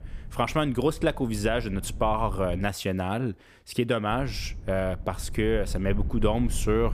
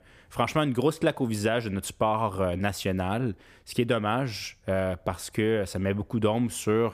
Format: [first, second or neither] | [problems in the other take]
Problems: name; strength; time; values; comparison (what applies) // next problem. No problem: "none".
second | low rumble; faint; until 2.5 s and from 4 s on; 25 dB below the speech